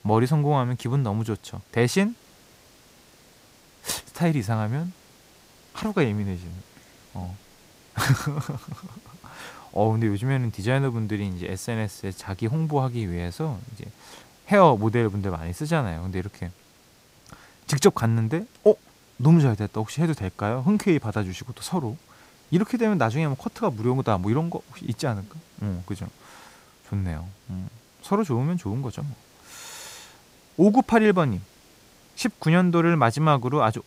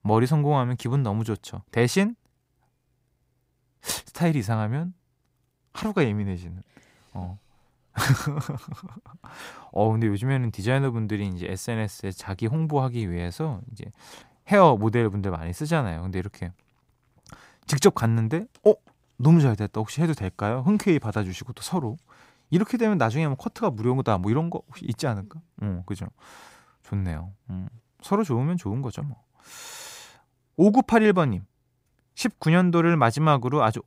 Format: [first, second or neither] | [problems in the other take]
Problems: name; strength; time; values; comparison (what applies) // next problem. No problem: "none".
second | hiss; faint; throughout; 30 dB below the speech